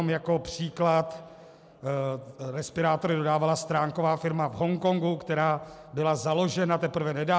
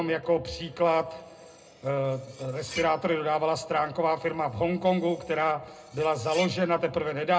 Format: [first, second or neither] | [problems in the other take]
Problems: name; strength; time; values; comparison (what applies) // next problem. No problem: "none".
first | background sound (Cutlery, silverware); 19 dB below the speech // room echo; dies away in 0.2 s